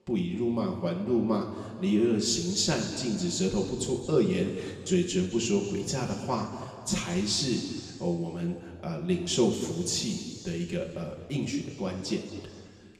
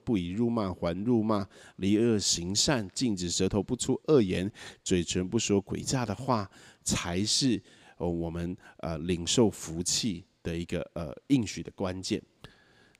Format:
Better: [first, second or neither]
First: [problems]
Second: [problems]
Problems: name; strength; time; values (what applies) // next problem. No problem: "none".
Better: second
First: room echo; noticeable; dies away in 2.1 s // off-mic speech; somewhat distant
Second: none